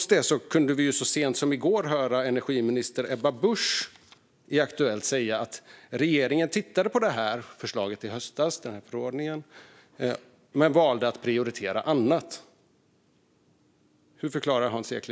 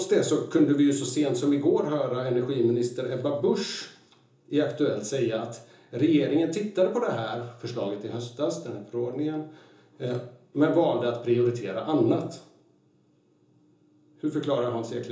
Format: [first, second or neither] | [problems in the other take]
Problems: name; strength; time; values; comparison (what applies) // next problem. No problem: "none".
first | room echo; dies away in 0.6 s